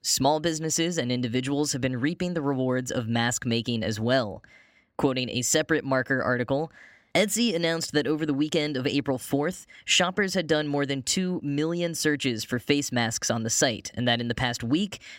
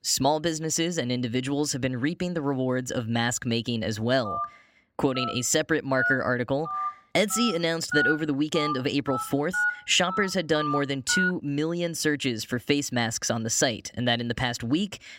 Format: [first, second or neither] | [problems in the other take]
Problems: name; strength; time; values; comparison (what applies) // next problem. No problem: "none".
first | phone ringing; loud; from 4.5 to 11 s; peak 1 dB above the speech